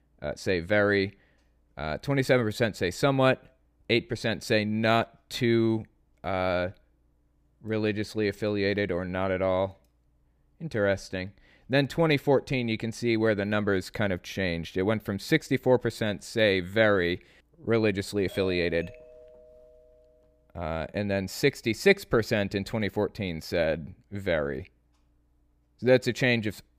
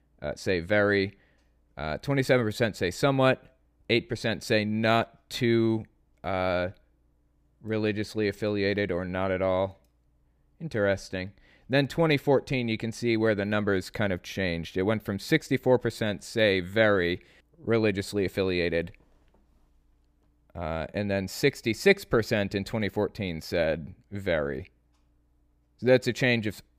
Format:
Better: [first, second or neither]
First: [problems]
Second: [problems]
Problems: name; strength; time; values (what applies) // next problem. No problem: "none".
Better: second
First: doorbell; faint; from 18 to 20 s; peak 15 dB below the speech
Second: none